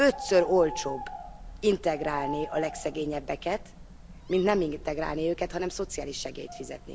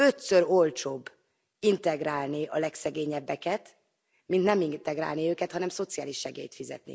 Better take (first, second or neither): second